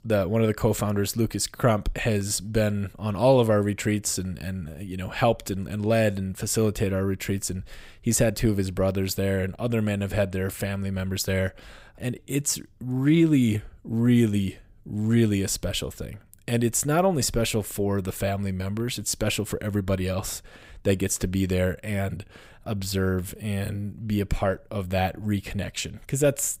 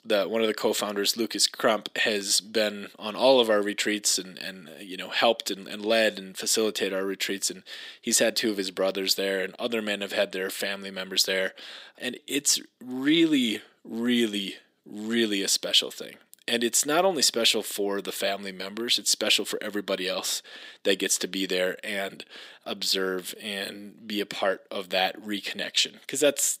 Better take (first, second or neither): first